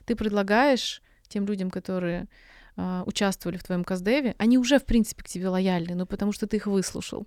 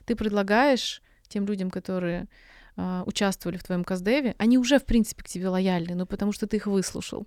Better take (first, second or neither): neither